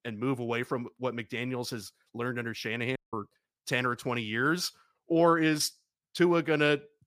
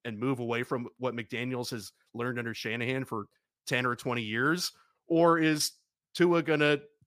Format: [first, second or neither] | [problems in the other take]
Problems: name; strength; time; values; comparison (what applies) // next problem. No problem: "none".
second | audio cutting out; at 3 s